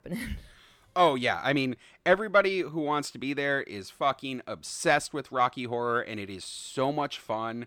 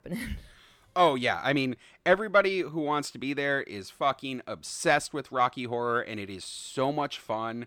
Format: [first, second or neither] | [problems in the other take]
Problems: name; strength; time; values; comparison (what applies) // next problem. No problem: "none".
neither | none